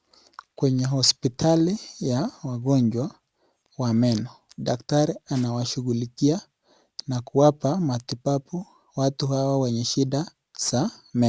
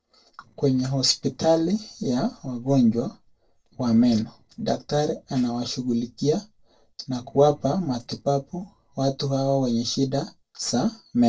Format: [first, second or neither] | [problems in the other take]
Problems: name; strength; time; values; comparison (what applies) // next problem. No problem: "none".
first | noise reduction (neural separator model SepFormer DNS4)